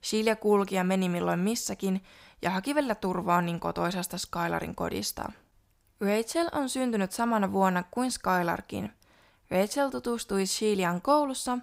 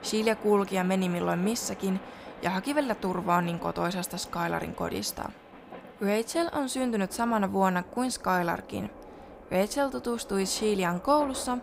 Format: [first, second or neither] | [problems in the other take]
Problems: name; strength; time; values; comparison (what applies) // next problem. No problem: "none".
first | train or aircraft noise; noticeable; throughout; 15 dB below the speech